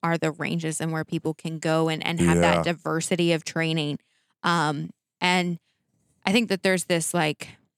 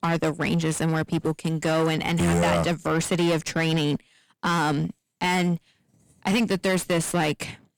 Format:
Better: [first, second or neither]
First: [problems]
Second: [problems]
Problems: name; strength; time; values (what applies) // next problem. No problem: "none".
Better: first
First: none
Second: distortion; heavy; 6 dB below the speech